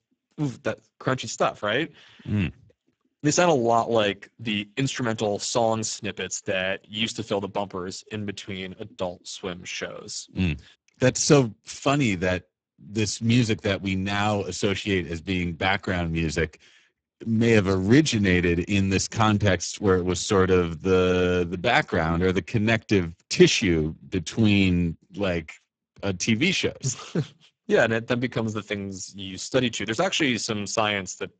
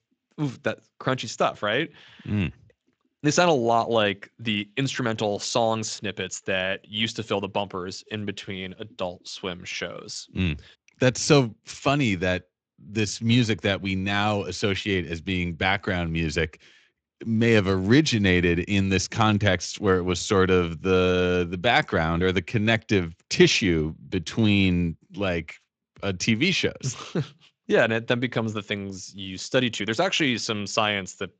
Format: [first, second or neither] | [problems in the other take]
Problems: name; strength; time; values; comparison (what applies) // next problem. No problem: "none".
second | garbled, watery; badly; nothing above 7.5 kHz; slightly in the second